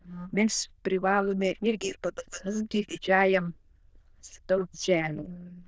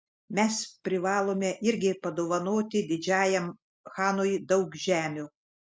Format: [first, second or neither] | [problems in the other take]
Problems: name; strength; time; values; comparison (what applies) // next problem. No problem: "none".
second | noise reduction (neural diffusion model UNIVERSE++)